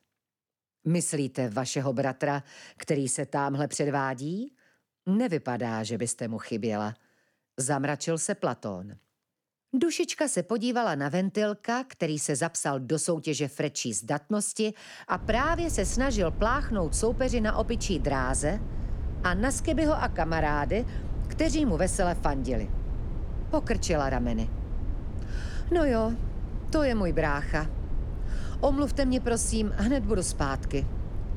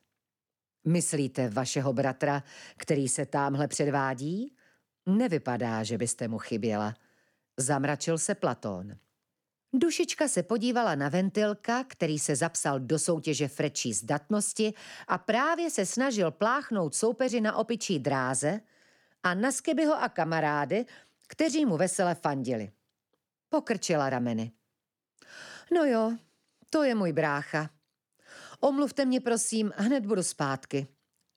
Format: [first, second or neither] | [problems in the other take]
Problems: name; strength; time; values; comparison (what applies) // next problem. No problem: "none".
second | wind noise on the microphone; occasional gusts; from 15 s on; 20 dB below the speech